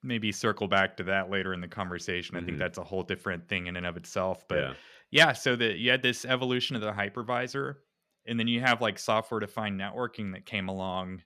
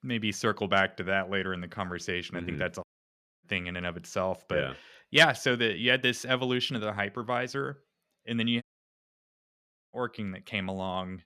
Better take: first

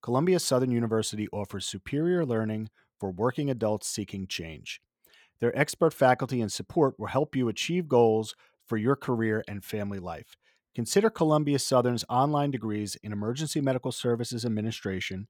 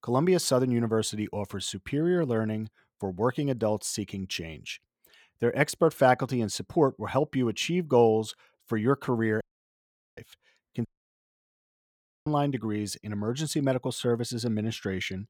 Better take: first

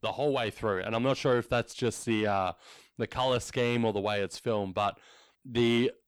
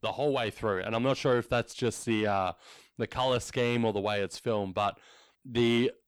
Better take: neither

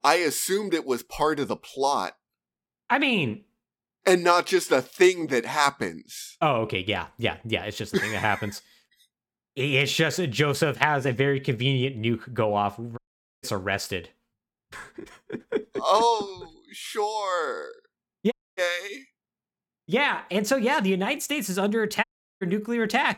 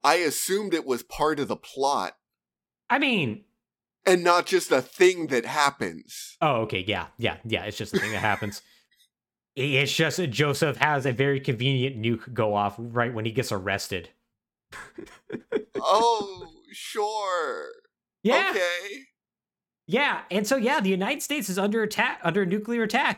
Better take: second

